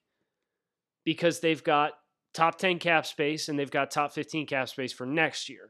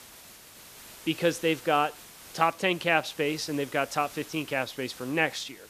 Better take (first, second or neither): first